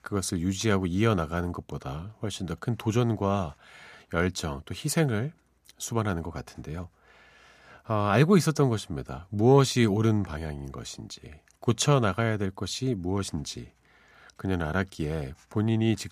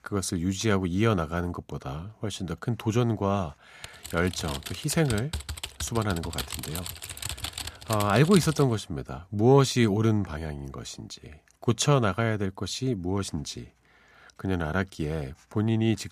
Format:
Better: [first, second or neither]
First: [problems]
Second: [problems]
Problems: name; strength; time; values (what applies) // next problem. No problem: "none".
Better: first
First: none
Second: keyboard typing; noticeable; from 4 to 8.5 s; peak 6 dB below the speech